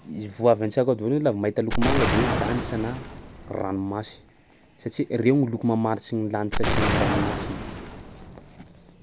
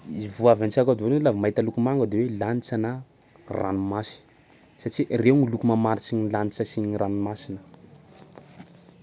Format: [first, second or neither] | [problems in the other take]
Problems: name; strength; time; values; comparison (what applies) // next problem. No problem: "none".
second | background sound (Explosion); 3 dB below the speech